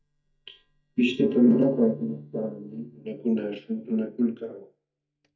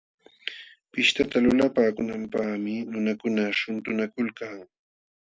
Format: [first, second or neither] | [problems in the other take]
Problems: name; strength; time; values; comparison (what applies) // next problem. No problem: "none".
second | noise reduction (neural mask model DeepFilterNet 3)